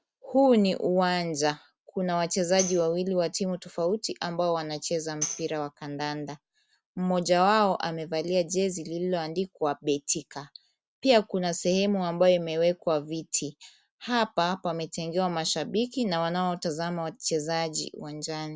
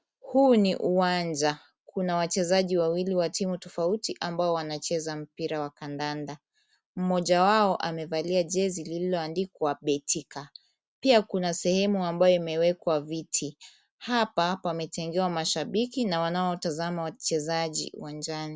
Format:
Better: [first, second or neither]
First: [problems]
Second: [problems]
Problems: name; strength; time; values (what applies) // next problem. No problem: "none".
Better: second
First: background sound (Tambourine); 11 dB below the speech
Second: none